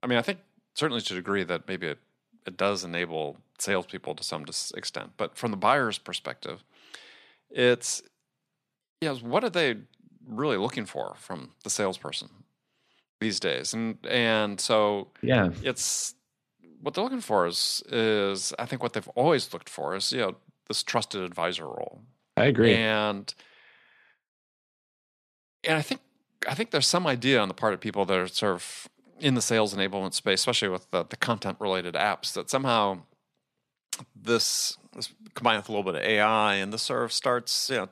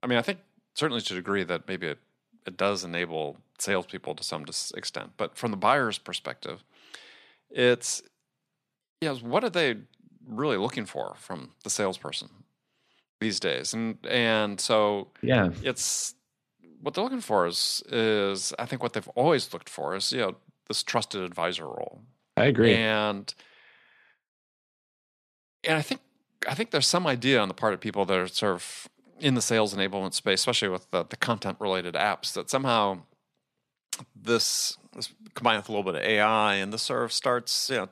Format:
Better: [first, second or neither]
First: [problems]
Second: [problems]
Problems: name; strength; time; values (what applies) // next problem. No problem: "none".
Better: neither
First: none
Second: none